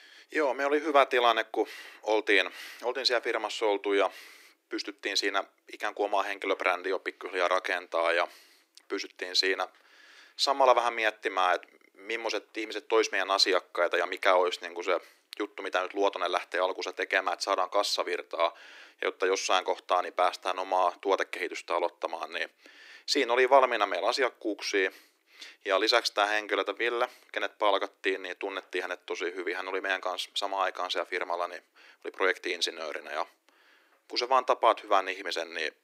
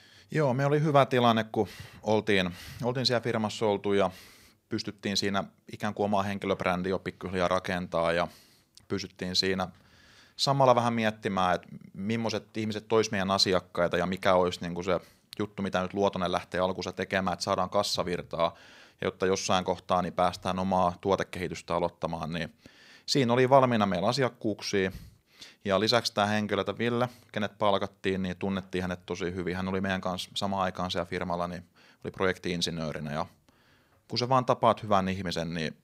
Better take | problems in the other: second | thin; very; fading below 300 Hz

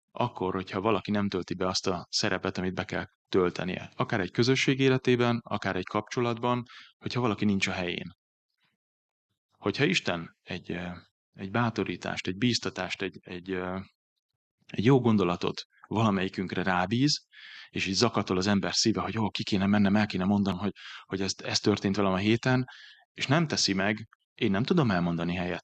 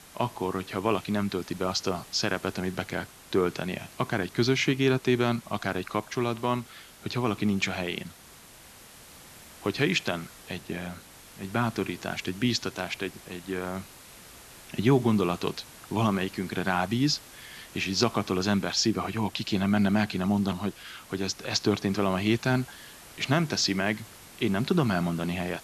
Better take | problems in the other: first | hiss; noticeable; throughout; 20 dB below the speech

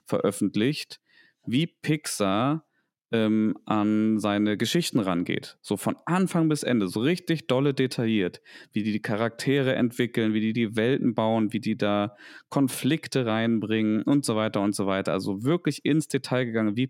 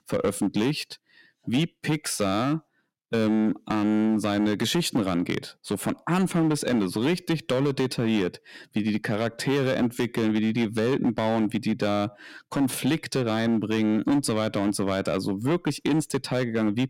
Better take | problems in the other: first | distortion; slight; 9% of the sound clipped

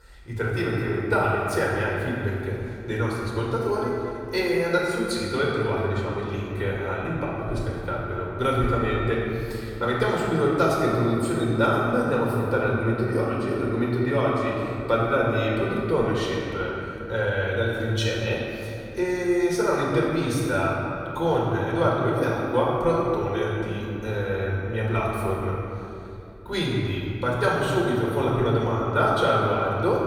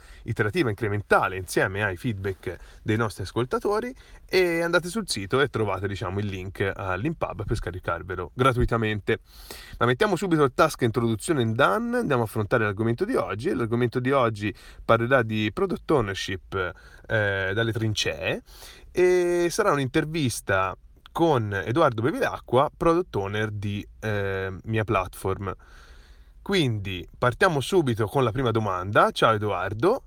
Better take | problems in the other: second | off-mic speech; far // room echo; strong; dies away in 2.5 s

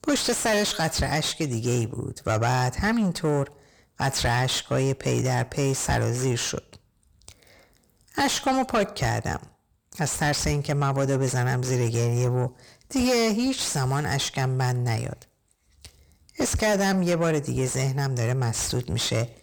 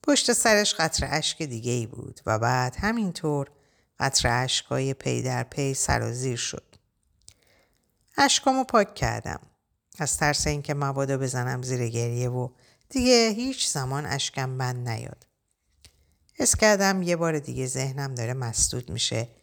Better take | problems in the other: second | distortion; heavy; 5 dB below the speech

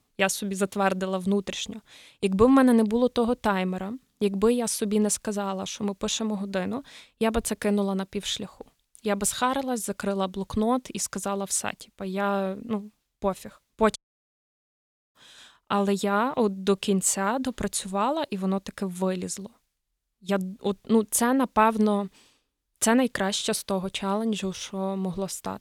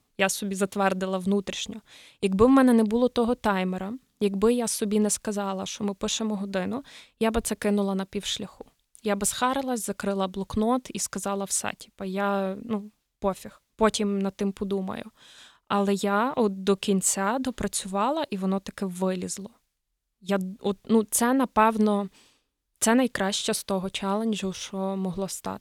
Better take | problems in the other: second | audio cutting out; at 14 s for 1 s

